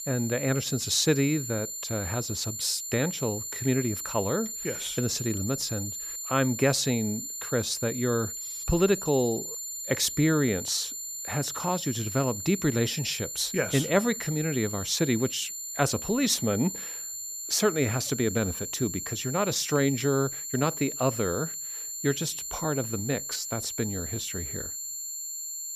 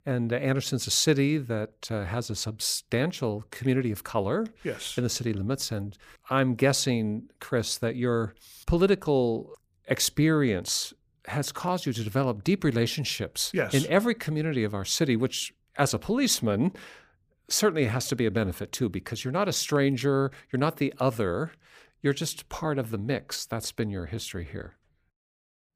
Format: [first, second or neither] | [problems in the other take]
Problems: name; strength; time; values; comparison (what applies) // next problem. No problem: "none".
second | high-pitched whine; loud; throughout; 7 kHz, 5 dB below the speech